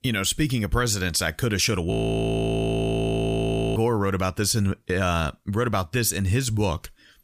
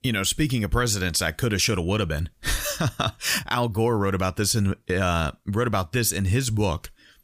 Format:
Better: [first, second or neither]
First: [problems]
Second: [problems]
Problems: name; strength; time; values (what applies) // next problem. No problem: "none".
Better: second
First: audio freezing; at 2 s for 2 s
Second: none